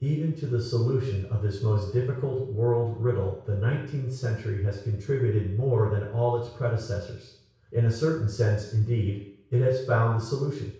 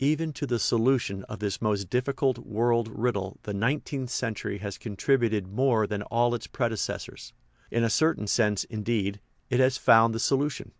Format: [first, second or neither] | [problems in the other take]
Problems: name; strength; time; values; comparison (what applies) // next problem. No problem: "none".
second | room echo; dies away in 0.6 s